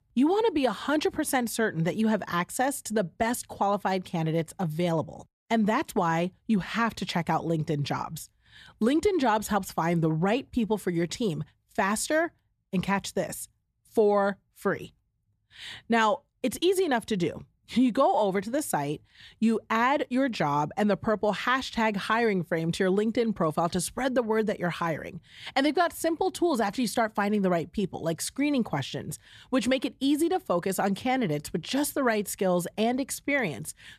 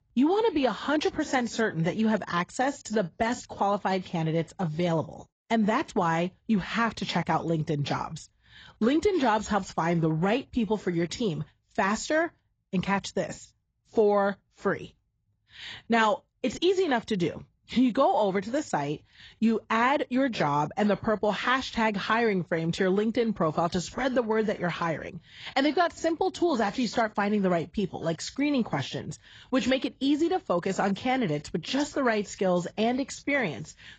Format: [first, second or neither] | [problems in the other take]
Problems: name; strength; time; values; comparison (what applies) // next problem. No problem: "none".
first | garbled, watery; badly; nothing above 7.5 kHz